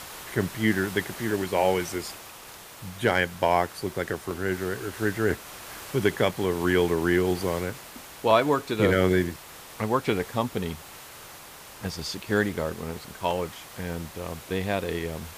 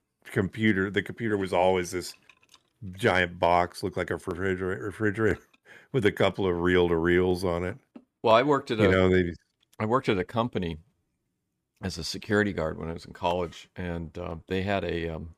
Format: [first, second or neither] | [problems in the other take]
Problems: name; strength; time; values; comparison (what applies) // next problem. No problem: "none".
second | hiss; noticeable; throughout; 15 dB below the speech